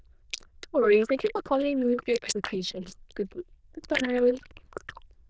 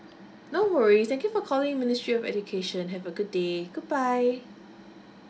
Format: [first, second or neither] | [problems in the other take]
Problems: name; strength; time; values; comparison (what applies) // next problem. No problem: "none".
second | noise reduction (neural diffusion model UNIVERSE++)